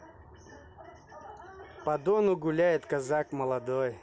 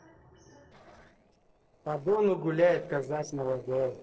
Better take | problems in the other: first | noise reduction (neural separator model SepFormer DNS4)

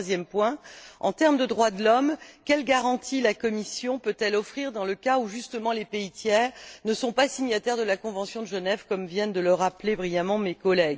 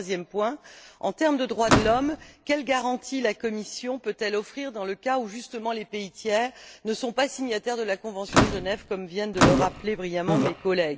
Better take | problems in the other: first | background sound (Slam / Microwave oven + Fart); 3 dB above the speech

